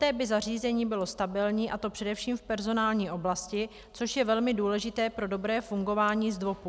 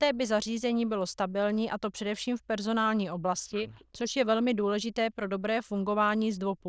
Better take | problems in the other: first | noise reduction (neural diffusion model UNIVERSE++)

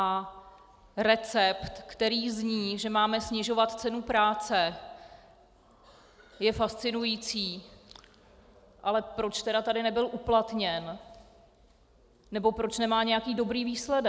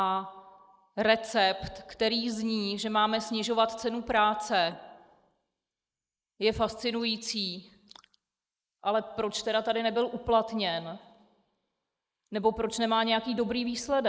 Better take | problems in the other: first | noise reduction (neural mask model Resemble Enhance denoiser)

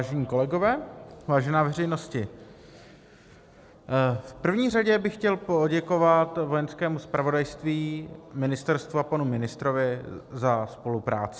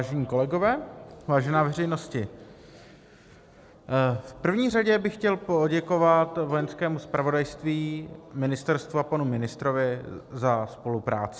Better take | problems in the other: first | background sound (Plucked string instrument); 20 dB below the speech

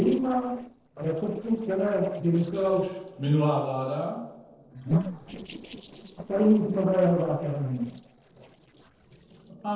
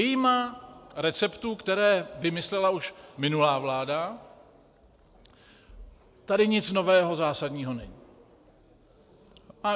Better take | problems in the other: second | noise reduction (neural separator model SepFormer DNS4)

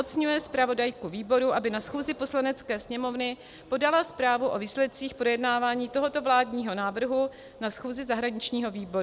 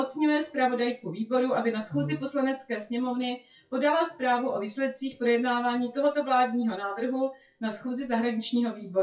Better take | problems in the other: first | noise reduction (classical method WPE with log-MMSE)

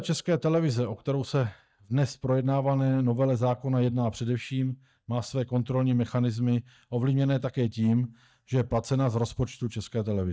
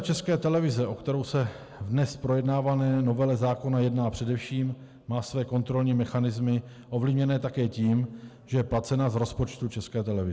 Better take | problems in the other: second | noise reduction (neural mask model DeepFilterNet 3)

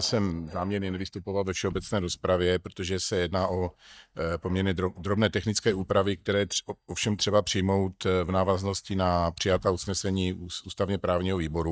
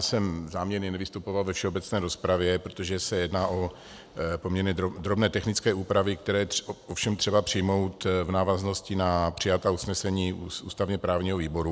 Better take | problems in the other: second | noise reduction (neural mask model DeepFilterNet 3)

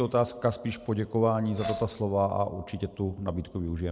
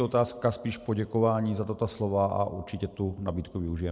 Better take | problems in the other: second | background sound (Glass); 6 dB below the speech

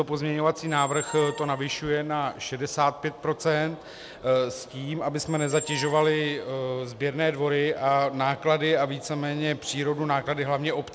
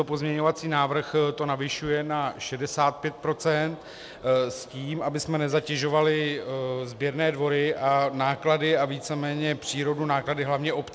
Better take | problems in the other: second | background sound (Squeak); 16 dB below the speech

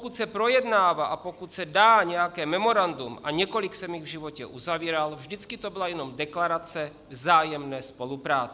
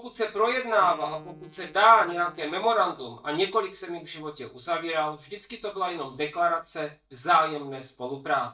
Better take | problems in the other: first | noise reduction (neural mask model DeepFilterNet 3)

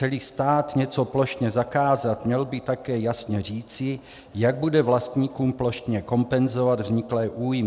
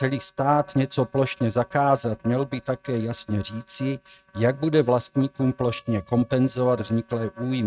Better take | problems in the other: first | noise reduction (neural mask model RNNoise)

